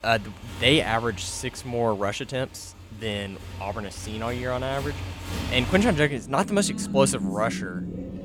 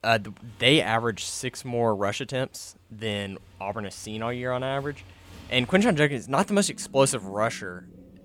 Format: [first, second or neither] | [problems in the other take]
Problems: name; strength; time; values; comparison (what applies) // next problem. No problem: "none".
second | traffic noise; loud; throughout; 9 dB below the speech; faint in the second